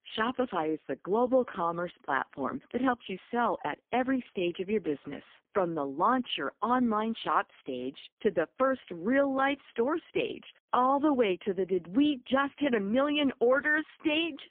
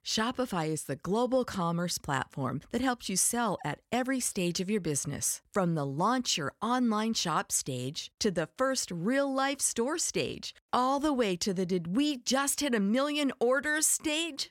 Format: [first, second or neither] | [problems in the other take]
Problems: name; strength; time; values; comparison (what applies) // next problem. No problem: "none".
second | phone-call audio; poor line; nothing above 3.5 kHz